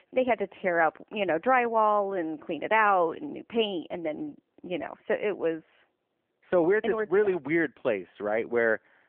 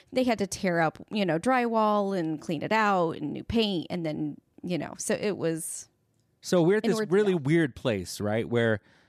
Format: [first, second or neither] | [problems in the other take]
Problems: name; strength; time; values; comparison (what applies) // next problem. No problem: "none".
second | phone-call audio; nothing above 3 kHz